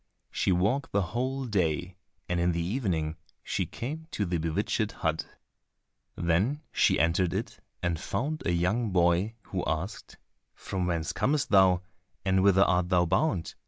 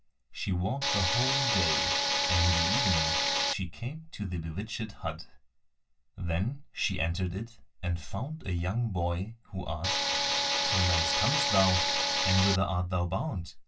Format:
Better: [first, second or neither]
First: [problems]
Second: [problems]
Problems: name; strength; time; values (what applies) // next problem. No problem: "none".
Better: first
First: none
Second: background sound (Tools); 3 dB above the speech // room echo; dies away in 0.1 s